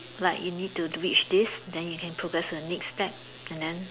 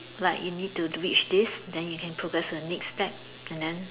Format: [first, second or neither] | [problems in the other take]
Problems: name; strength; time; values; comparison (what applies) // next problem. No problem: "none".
first | room echo; dies away in 1.2 s